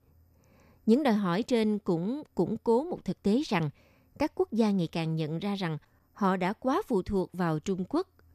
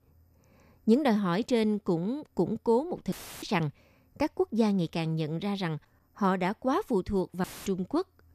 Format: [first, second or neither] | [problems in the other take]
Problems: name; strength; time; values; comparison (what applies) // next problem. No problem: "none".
first | audio cutting out; filled with static; at 3 s and at 7.5 s